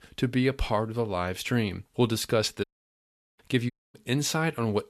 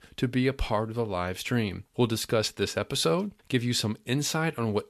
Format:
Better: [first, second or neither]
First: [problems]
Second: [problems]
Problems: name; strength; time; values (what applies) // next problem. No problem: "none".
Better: second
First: audio cutting out; at 2.5 s for 0.5 s and at 3.5 s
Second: none